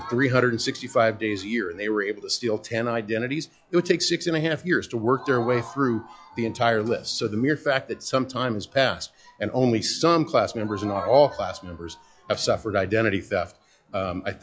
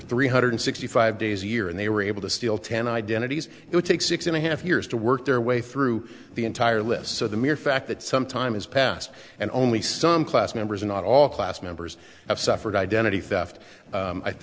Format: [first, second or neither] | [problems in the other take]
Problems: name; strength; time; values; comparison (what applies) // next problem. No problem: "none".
second | noise reduction (classical method log-MMSE)